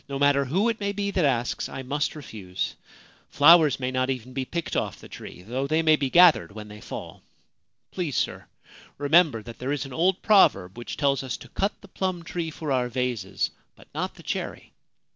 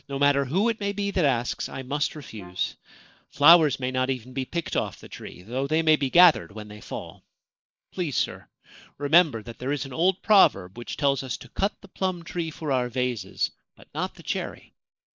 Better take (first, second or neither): first